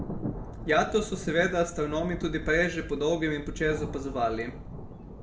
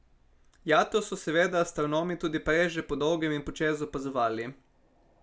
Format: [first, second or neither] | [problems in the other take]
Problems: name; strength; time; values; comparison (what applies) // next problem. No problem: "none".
second | background sound (Thunder); 9 dB below the speech // room echo; dies away in 0.4 s